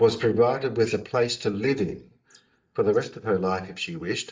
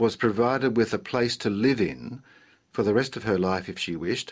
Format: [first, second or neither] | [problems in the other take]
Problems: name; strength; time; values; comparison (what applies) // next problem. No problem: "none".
second | noise reduction (neural mask model DeepFilterNet 3)